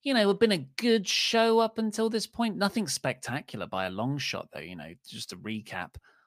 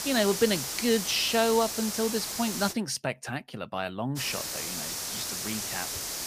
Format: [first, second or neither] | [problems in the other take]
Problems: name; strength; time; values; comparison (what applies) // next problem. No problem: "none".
first | hiss; loud; until 2.5 s and from 4 s on; 3 dB below the speech